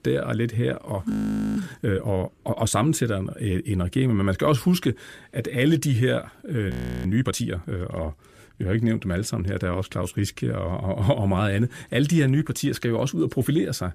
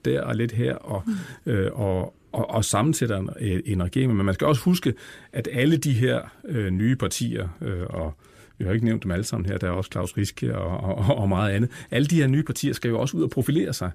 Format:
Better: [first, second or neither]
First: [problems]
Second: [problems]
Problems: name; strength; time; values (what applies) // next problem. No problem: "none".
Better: second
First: audio freezing; at 1 s and at 6.5 s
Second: none